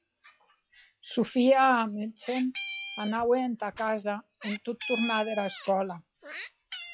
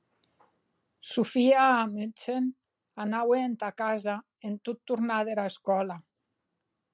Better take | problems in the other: second | noise reduction (classical method log-MMSE)

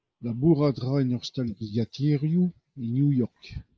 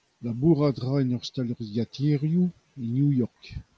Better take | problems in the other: second | noise reduction (neural mask model Resemble Enhance denoiser)

